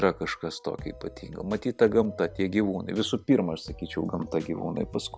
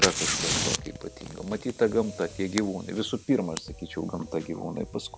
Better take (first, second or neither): first